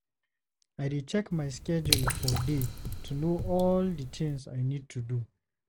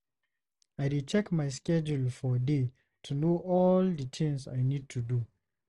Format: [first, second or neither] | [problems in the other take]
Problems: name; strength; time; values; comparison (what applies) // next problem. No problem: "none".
second | background sound (Drip / Water); 2 dB below the speech